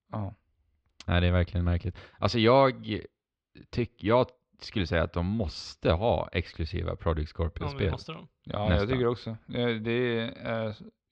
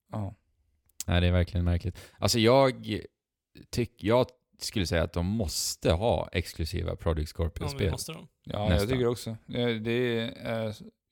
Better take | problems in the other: second | muffled; slightly; fading above 4 kHz

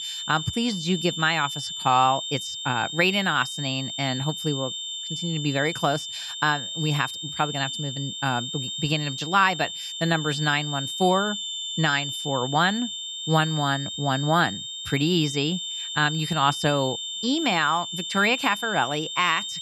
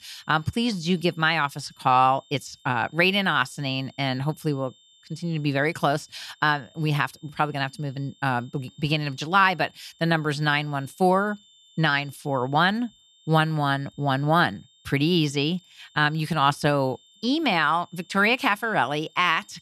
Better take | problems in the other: second | high-pitched whine; loud; throughout; 3.5 kHz, 5 dB below the speech; faint in the second

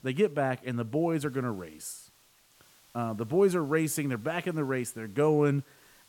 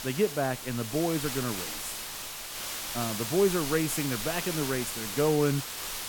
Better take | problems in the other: first | hiss; loud; throughout; 4 dB below the speech; faint in the first

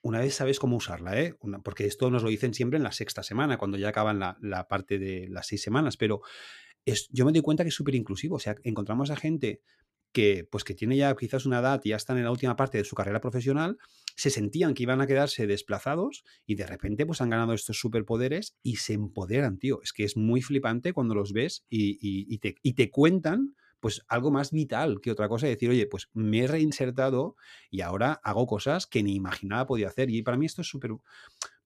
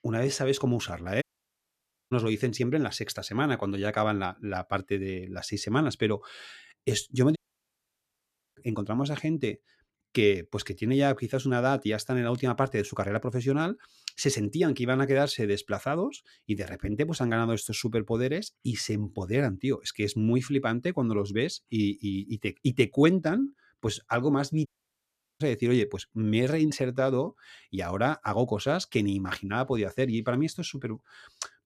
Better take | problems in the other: first | audio cutting out; at 1 s for 1 s, at 7.5 s for 1 s and at 25 s for 0.5 s

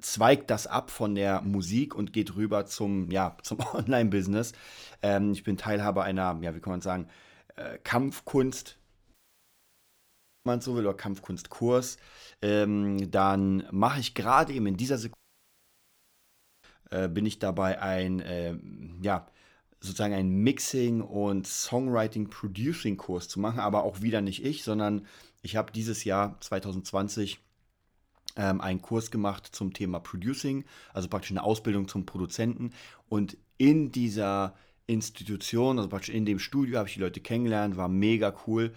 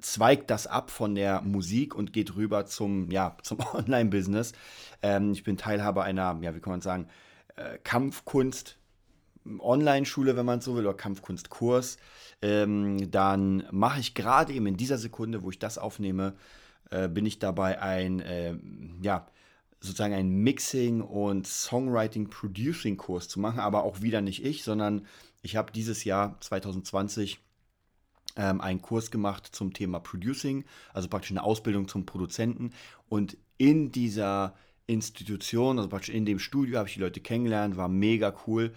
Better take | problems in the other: second | audio cutting out; at 9 s for 1.5 s and at 15 s for 1.5 s

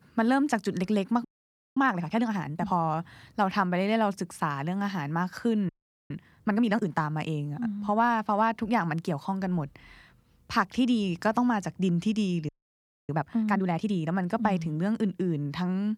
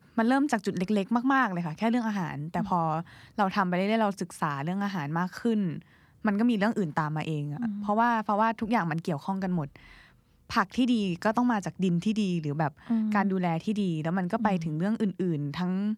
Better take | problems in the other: second | audio freezing; at 1.5 s for 0.5 s, at 5.5 s and at 12 s for 0.5 s

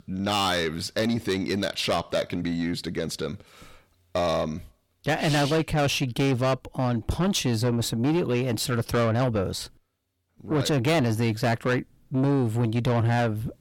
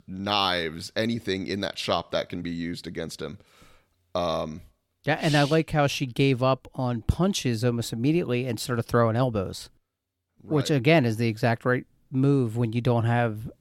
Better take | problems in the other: second | distortion; heavy; 8 dB below the speech

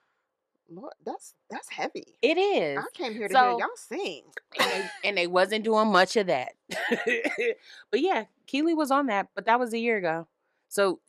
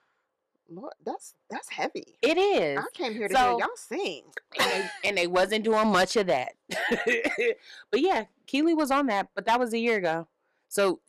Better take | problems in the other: first | distortion; slight; 3% of the sound clipped

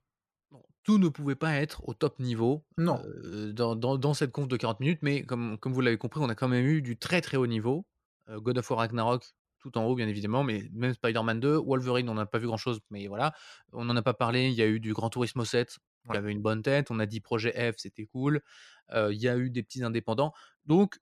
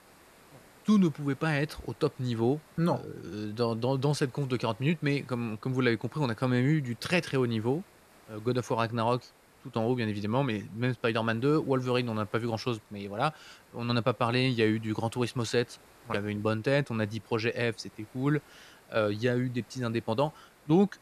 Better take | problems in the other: first | hiss; faint; throughout; 25 dB below the speech

